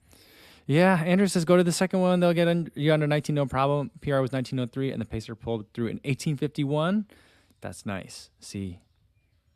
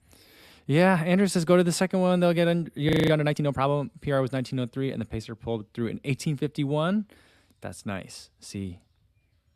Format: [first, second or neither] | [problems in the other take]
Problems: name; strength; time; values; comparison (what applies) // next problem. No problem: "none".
first | audio freezing; at 3 s